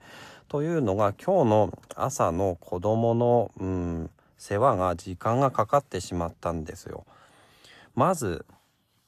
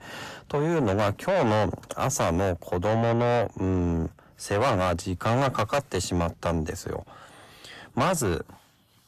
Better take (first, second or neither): first